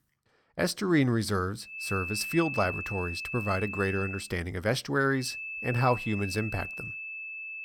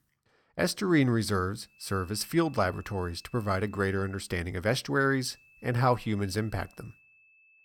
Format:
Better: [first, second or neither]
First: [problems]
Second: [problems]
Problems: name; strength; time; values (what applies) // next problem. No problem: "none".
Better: second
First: high-pitched whine; loud; from 1.5 to 4 s and from 5.5 s on; 2.5 kHz, 6 dB below the speech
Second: high-pitched whine; faint; from 1.5 to 4 s and from 5.5 s on; 2.5 kHz, 30 dB below the speech